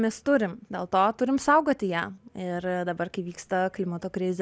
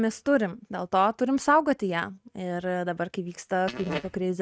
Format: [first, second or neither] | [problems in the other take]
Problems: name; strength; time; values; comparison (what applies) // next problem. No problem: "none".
first | noise reduction (neural mask model RNNoise)